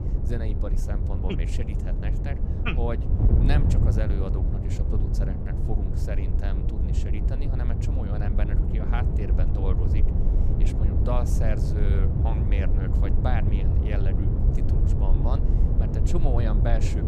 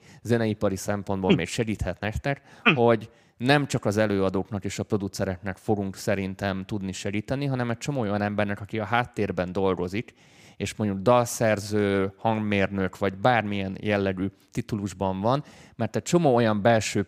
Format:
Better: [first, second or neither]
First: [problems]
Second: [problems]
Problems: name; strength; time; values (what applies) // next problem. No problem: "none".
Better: second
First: wind noise on the microphone; heavy; 2 dB below the speech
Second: none